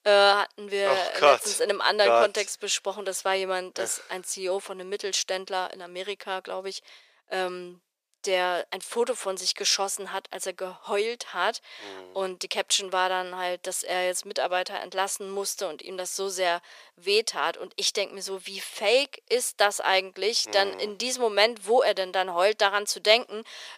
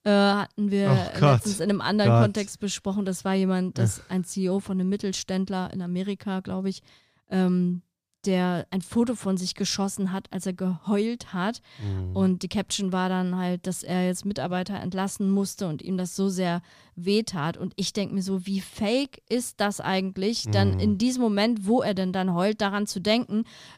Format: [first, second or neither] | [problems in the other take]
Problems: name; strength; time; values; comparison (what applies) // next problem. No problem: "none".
second | thin; very; fading below 450 Hz